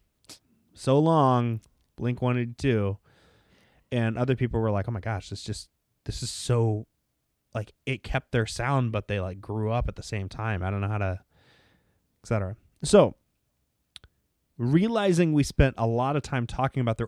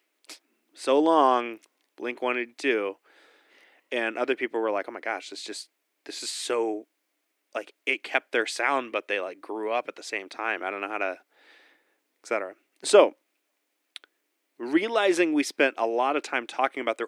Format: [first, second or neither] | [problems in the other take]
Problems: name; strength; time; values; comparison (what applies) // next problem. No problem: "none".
first | thin; somewhat; fading below 300 Hz